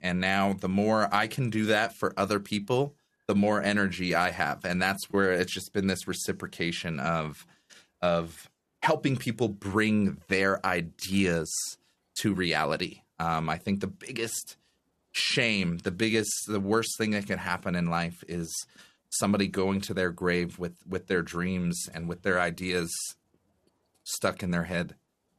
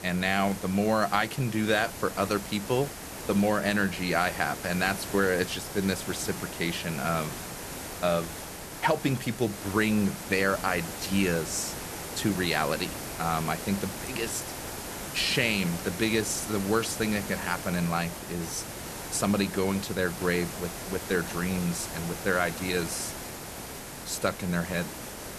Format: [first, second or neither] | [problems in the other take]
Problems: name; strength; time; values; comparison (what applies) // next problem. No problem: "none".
first | hiss; loud; throughout; 8 dB below the speech